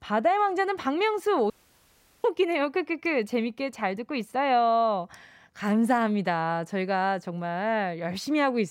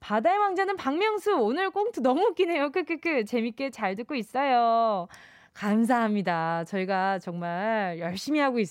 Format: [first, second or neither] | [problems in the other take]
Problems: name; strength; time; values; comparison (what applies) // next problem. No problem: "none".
second | audio cutting out; at 1.5 s for 0.5 s